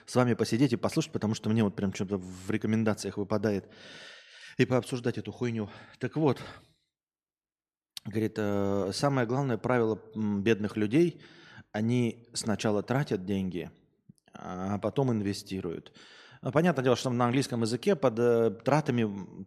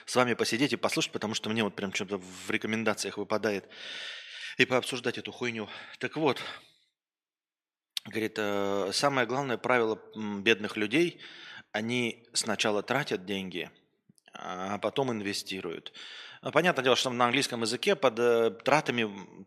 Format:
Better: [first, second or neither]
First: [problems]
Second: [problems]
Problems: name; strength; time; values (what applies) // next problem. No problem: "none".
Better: first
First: none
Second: thin; somewhat; fading below 650 Hz